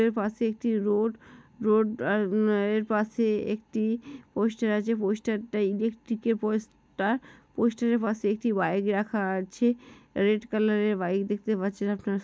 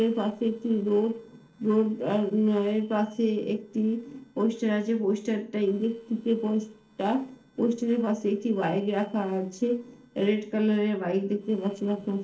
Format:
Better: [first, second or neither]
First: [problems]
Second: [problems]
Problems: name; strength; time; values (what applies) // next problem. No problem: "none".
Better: first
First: none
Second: noise reduction (neural separator model SepFormer DNS4)